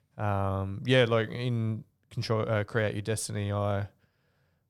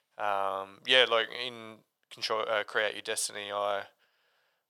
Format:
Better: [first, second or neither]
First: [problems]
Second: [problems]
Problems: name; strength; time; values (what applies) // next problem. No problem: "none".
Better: first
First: none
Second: thin; very; fading below 750 Hz